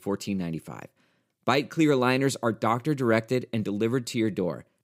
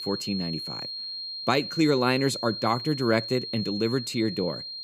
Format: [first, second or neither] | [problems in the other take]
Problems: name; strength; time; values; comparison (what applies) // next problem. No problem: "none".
first | high-pitched whine; loud; throughout; 4 kHz, 6 dB below the speech